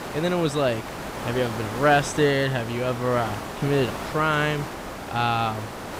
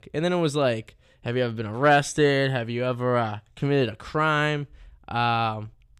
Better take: second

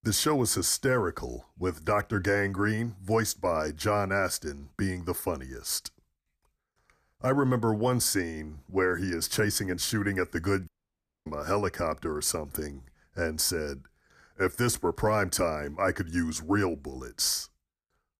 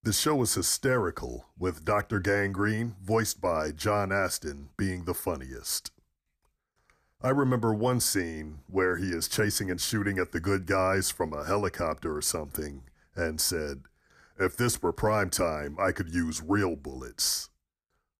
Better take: second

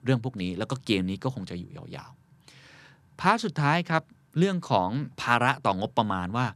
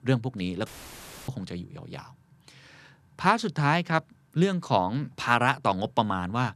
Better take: first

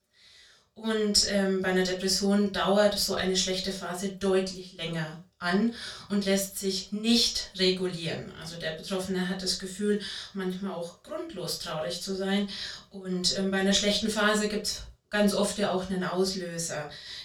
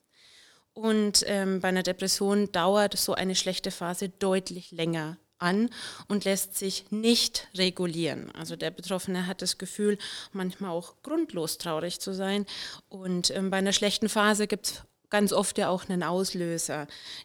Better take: second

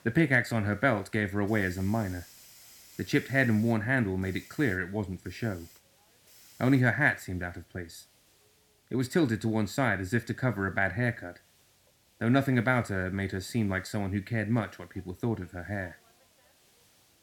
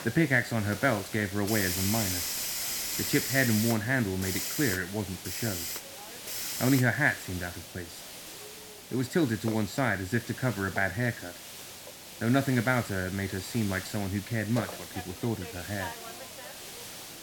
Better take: first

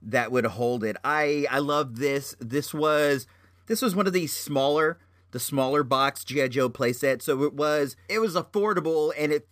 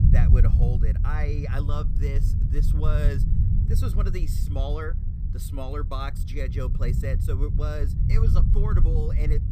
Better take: first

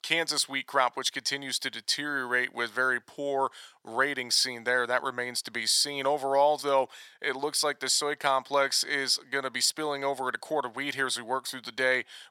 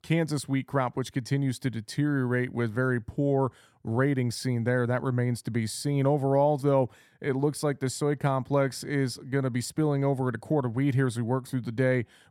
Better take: second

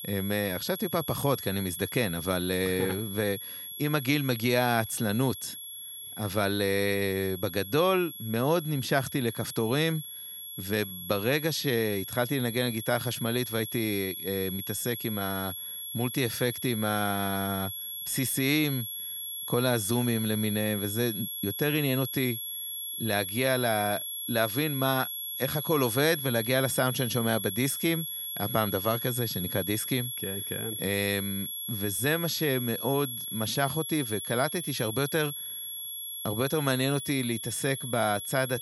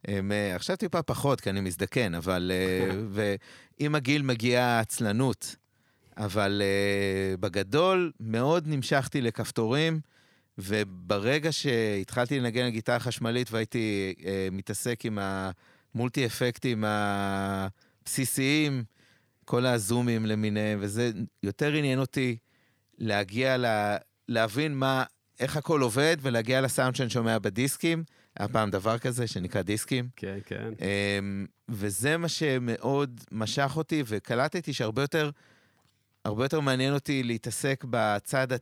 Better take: second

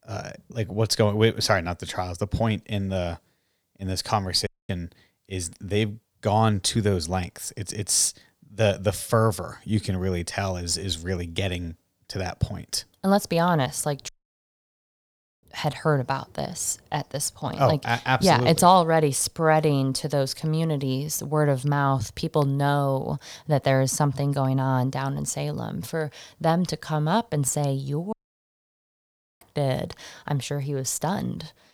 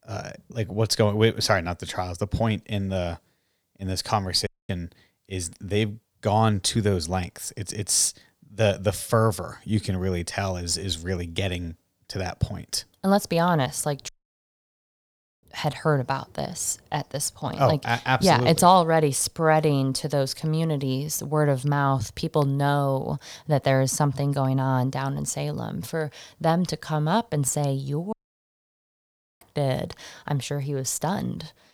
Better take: neither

